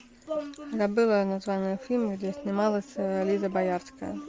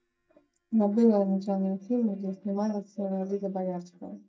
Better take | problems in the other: first | noise reduction (neural mask model DeepFilterNet 3)

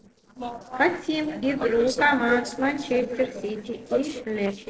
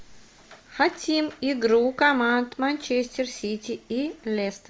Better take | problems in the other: second | noise reduction (neural separator model SepFormer DNS4)

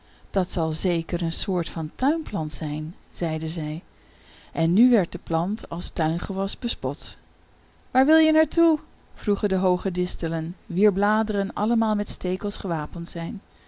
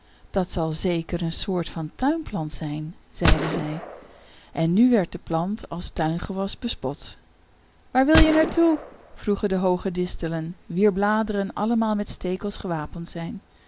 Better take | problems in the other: first | background sound (Gunshot, gunfire); 3 dB below the speech

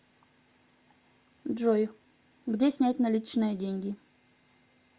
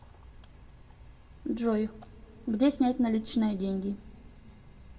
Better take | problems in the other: first | background sound (Splash, splatter); 19 dB below the speech // room echo; dies away in 0.9 s

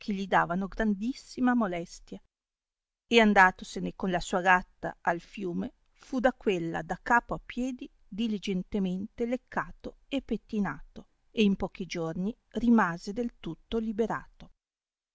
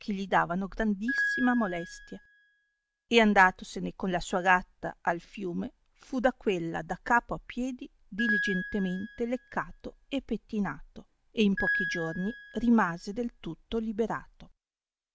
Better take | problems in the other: first | background sound (Piano); 6 dB below the speech

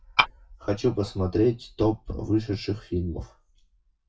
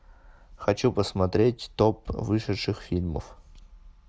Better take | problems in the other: second | noise reduction (classical method WPE with log-MMSE)

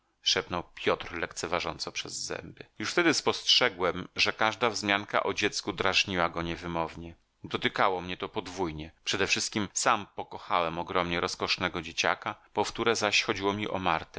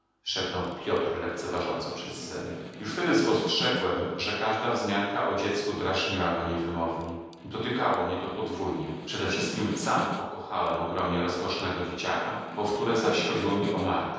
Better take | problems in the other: first | background sound (Snare drum); 13 dB below the speech // room echo; dies away in 1.2 s

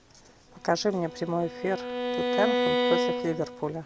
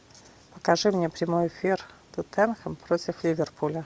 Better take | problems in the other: second | background sound (Bowed string instrument); as loud as the speech

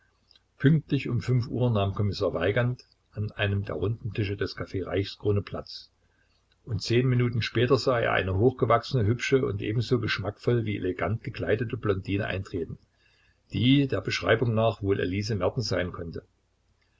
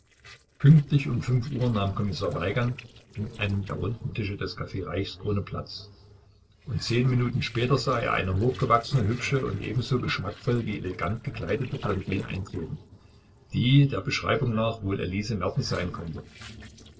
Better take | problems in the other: first | noise reduction (neural separator model SepFormer DNS4)

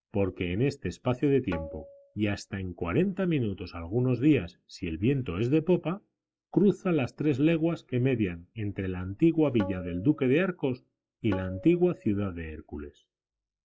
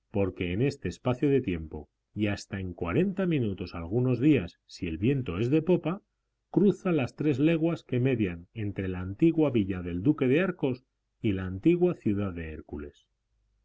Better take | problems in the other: second | noise reduction (classical method log-MMSE)

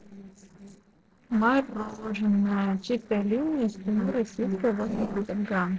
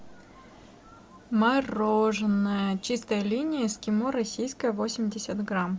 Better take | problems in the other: second | noise reduction (neural separator model SepFormer DNS4)

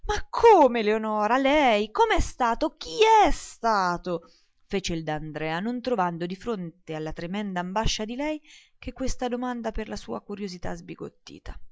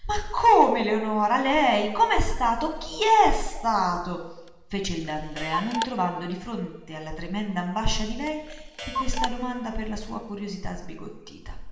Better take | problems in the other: first | background sound (Clock); 12 dB below the speech // room echo; dies away in 1.1 s

